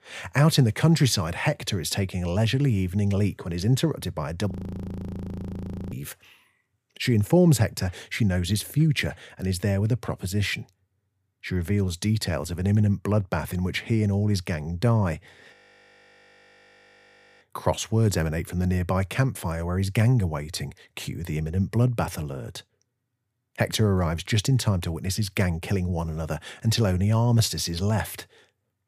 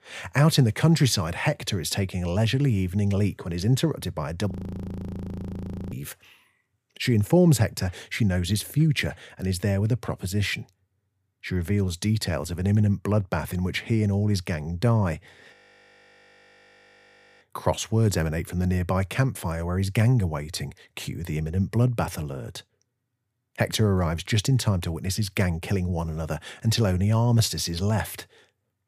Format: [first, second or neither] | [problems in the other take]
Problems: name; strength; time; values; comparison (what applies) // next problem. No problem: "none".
neither | audio freezing; at 4.5 s for 1.5 s and at 16 s for 2 s; the same in both